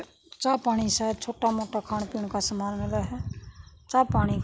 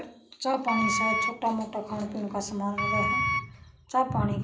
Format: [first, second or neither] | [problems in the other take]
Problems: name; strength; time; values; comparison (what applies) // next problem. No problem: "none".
first | background sound (Wind instrument, woodwind instrument); as loud as the speech // room echo; dies away in 0.5 s